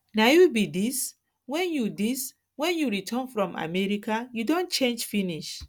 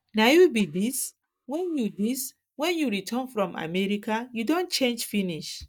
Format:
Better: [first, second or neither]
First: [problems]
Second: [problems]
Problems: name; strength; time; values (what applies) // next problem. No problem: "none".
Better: first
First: none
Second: noise reduction (neural mask model DeepFilterNet 3)